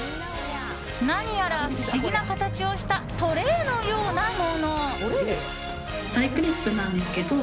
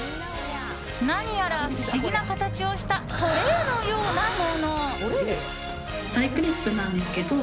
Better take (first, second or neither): first